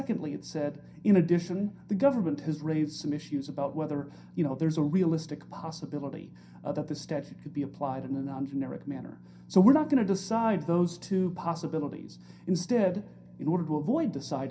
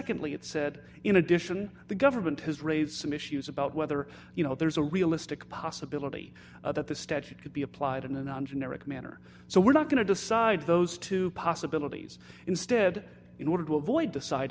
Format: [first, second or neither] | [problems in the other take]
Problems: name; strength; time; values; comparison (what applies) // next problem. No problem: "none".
second | room echo; dies away in 0.3 s